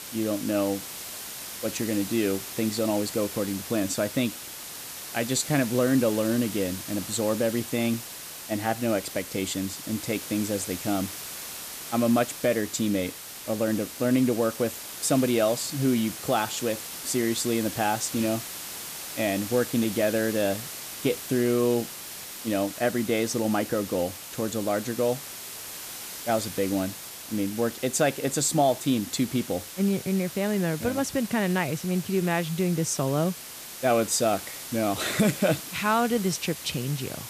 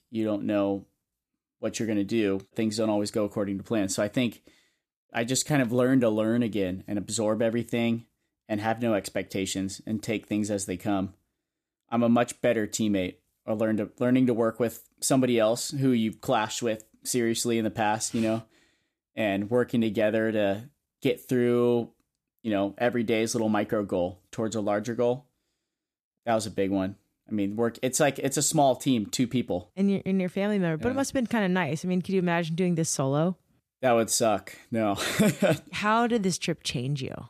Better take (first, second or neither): second